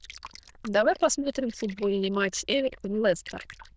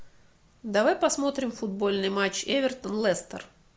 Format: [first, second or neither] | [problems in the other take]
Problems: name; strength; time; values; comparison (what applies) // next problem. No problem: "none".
second | noise reduction (neural diffusion model UNIVERSE++)